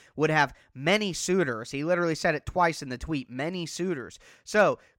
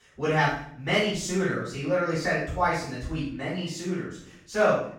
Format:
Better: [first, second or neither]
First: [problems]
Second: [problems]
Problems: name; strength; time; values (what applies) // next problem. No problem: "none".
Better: first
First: none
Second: off-mic speech; far // room echo; noticeable; dies away in 0.5 s